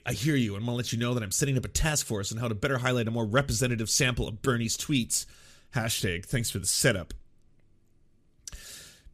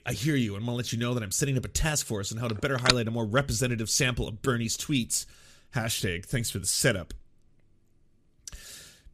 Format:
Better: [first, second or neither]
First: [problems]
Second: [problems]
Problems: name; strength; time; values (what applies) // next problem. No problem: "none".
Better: first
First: none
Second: phone ringing; very faint; at 3 s; peak 3 dB above the speech